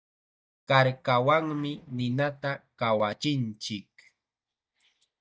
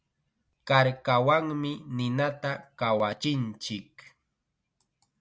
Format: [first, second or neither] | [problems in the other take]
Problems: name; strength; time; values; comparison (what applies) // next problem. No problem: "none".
second | noise reduction (neural mask model DeepFilterNet 3)